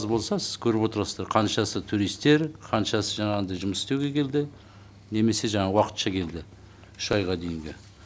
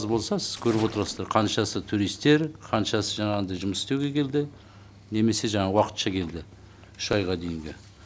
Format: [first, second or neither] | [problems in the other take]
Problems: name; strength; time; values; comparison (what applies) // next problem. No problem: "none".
first | background sound (Splash, splatter); 17 dB below the speech